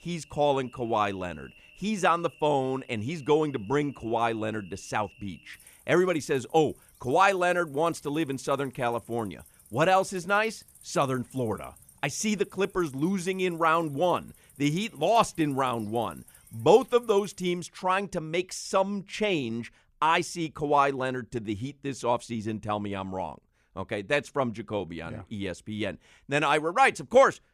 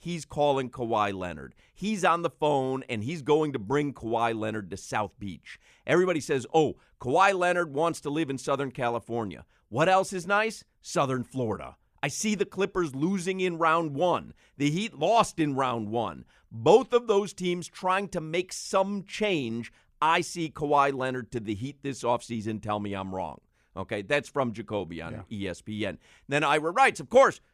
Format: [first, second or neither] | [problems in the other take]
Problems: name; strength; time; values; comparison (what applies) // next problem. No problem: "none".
second | animal sounds; faint; until 17 s; 25 dB below the speech